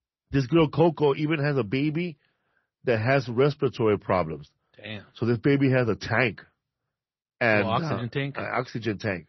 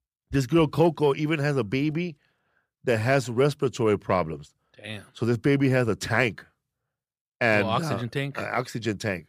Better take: second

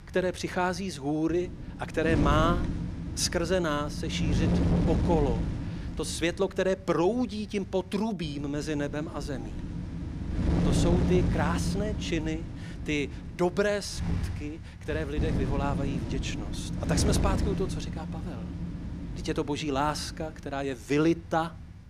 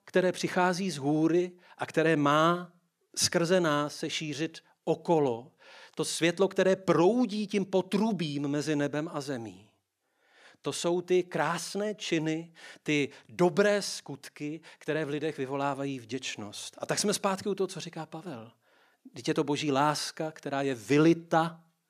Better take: second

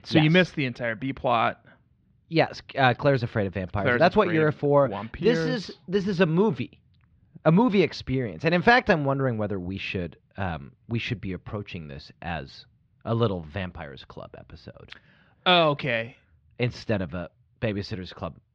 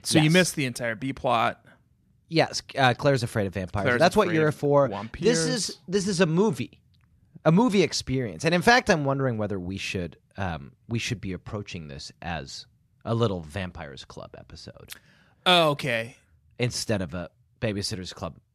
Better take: second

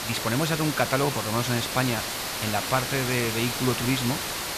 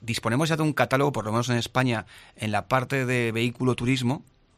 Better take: second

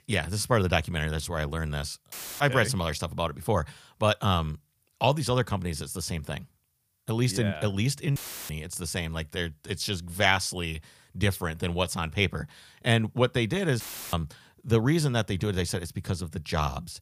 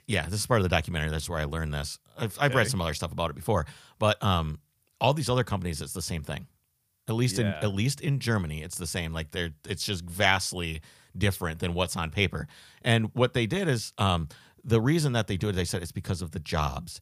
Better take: second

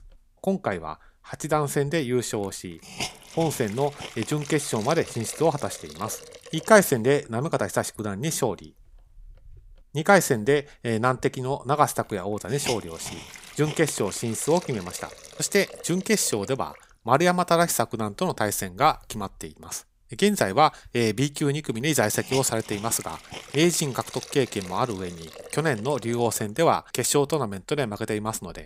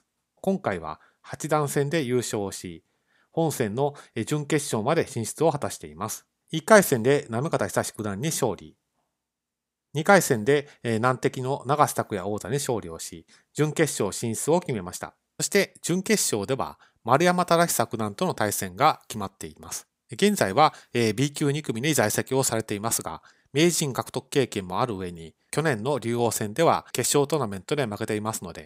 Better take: second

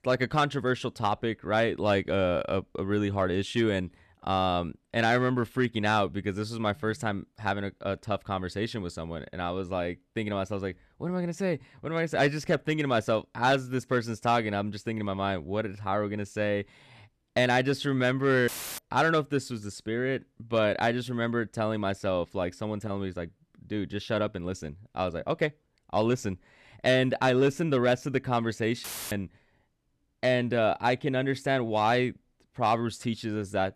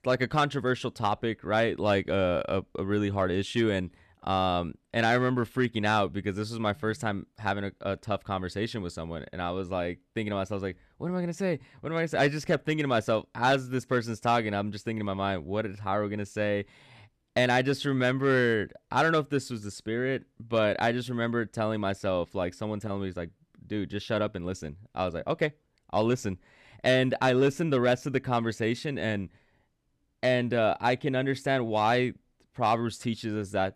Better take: second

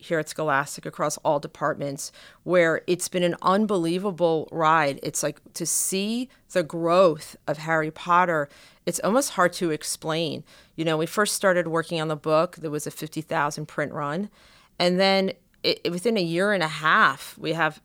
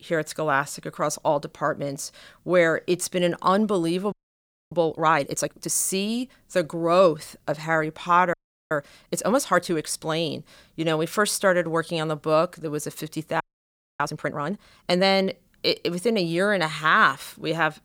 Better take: first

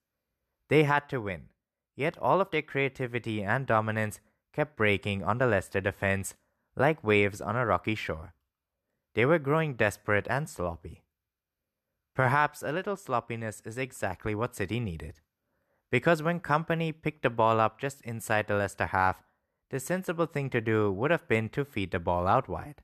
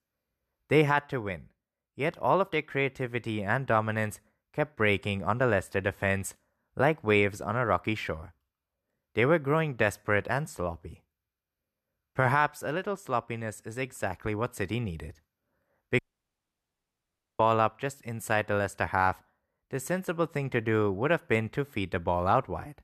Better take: first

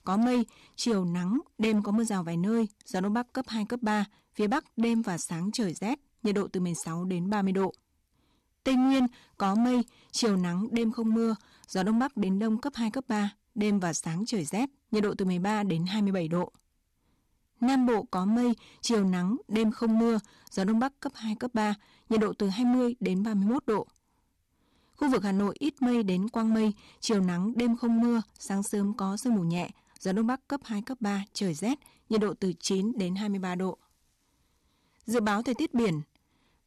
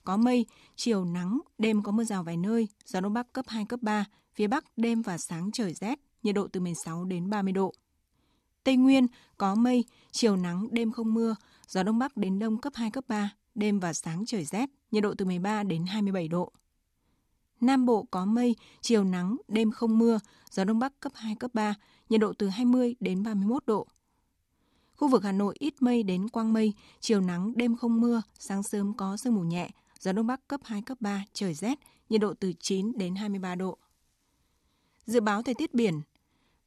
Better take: second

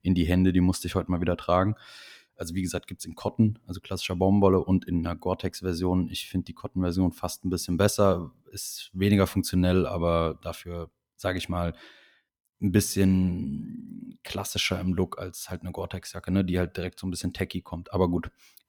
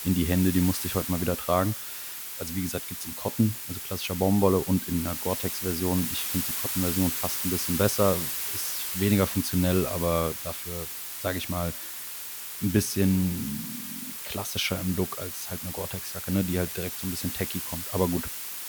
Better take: first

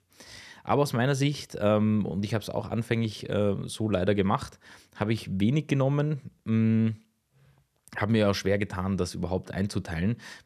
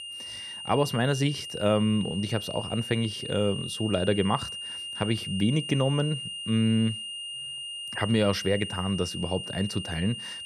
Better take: first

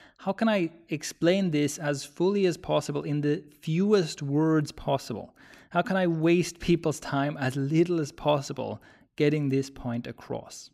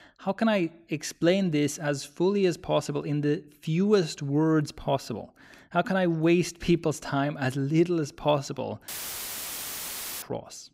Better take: first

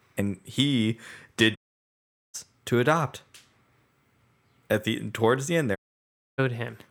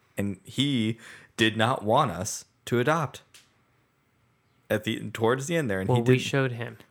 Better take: second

